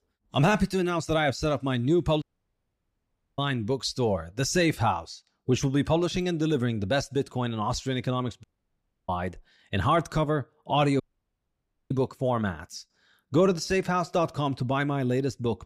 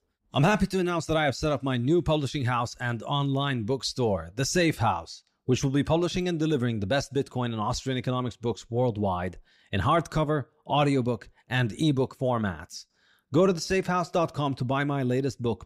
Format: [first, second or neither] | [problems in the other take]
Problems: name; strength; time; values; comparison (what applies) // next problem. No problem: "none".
second | audio cutting out; at 2 s for 1 s, at 8.5 s for 0.5 s and at 11 s for 1 s